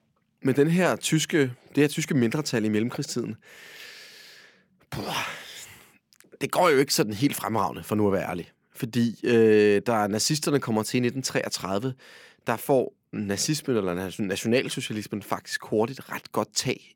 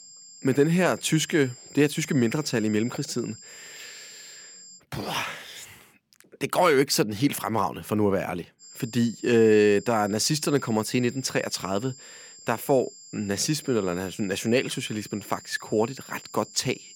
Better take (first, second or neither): first